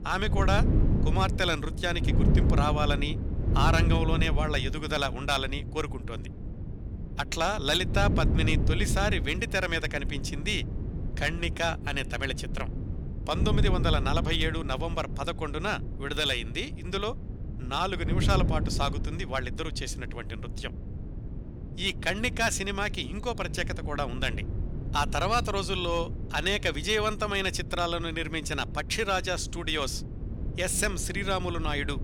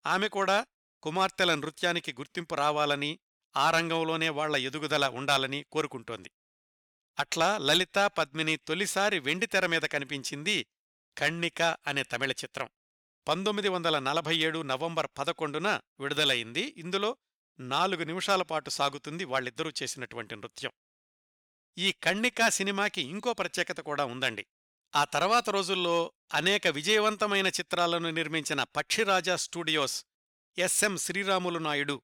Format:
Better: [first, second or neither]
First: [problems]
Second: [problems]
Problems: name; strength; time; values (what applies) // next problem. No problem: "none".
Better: second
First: wind noise on the microphone; occasional gusts; 15 dB below the speech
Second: none